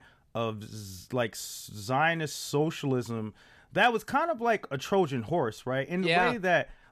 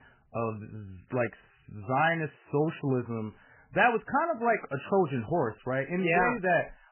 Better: first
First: none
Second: garbled, watery; badly; nothing above 2.5 kHz

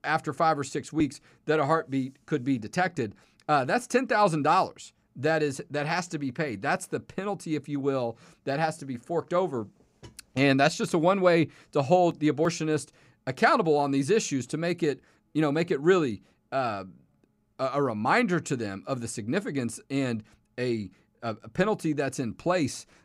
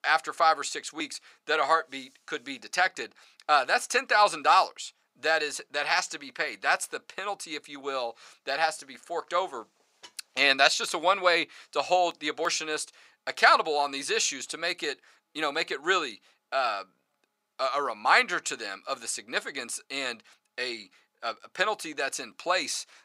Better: first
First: none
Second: thin; very; fading below 850 Hz

